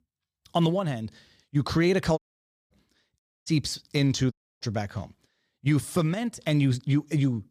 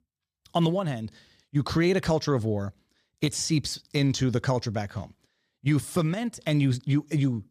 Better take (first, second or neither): second